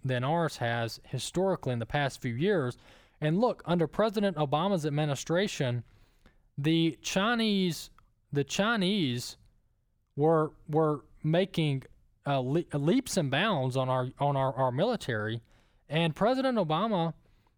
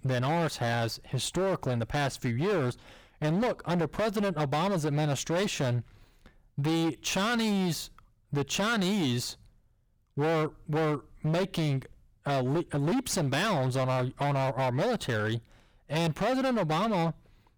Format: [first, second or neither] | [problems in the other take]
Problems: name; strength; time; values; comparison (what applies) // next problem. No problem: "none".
first | distortion; heavy; 22% of the sound clipped